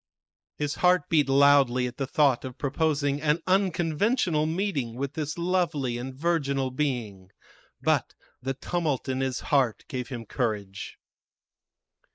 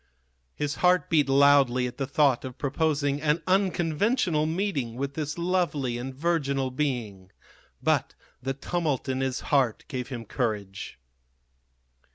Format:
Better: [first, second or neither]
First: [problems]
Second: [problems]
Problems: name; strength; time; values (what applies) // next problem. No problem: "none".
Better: second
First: noise reduction (neural mask model Resemble Enhance denoiser)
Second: none